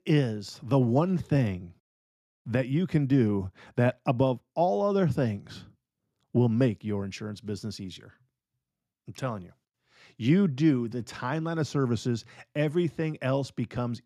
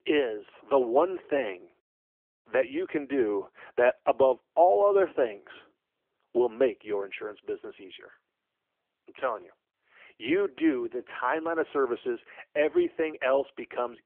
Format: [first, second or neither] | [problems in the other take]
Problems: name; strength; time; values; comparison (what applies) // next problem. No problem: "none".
first | phone-call audio